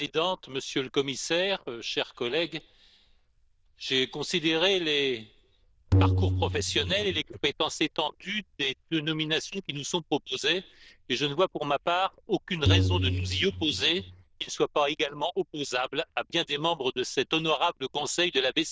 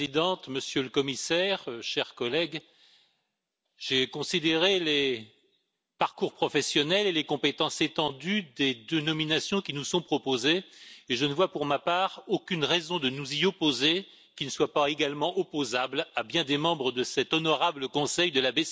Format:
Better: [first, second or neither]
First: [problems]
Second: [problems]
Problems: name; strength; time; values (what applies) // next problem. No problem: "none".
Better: second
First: noise reduction (neural diffusion model UNIVERSE++)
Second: none